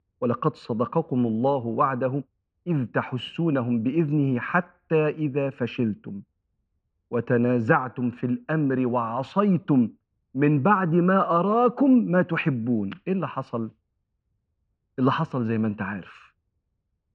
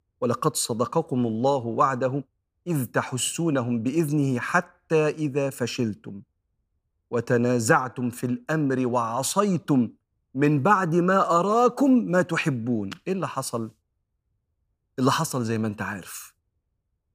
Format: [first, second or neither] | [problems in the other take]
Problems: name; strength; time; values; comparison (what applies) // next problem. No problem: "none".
second | muffled; very; fading above 2.5 kHz